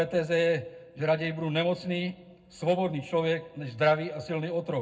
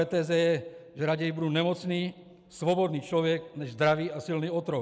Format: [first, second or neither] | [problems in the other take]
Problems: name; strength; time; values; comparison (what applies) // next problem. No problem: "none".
second | room echo; dies away in 0.3 s